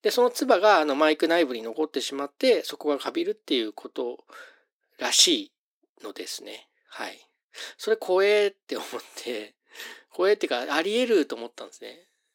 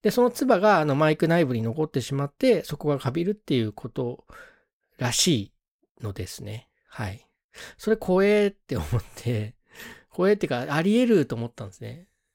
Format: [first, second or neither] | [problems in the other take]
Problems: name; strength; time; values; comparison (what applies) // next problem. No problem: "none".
second | thin; somewhat; fading below 300 Hz